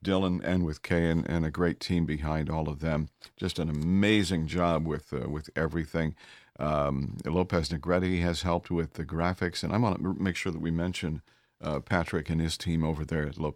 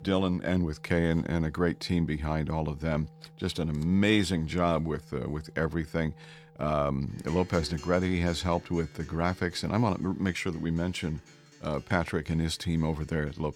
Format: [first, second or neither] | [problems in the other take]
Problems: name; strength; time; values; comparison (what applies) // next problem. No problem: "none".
first | background music; faint; throughout; 20 dB below the speech